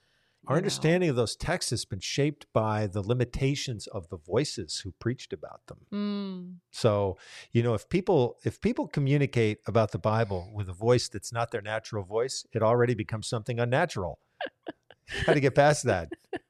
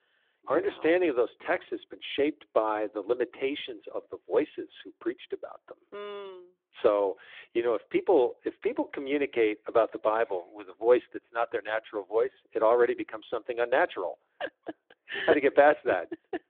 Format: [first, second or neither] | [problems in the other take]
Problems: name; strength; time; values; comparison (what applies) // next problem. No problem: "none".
first | phone-call audio; nothing above 3.5 kHz